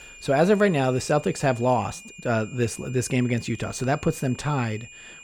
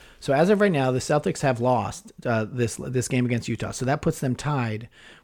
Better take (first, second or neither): second